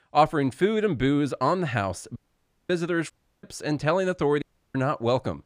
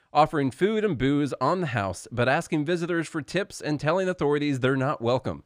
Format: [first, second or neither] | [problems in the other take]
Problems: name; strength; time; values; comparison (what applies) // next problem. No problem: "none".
second | audio cutting out; at 2 s for 0.5 s, at 3 s and at 4.5 s